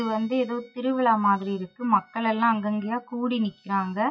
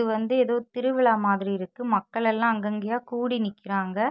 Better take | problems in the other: second | noise reduction (classical method WPE with log-MMSE)

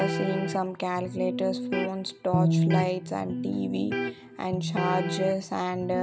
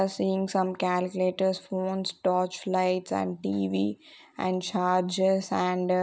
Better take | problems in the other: second | background sound (Electric guitar); as loud as the speech

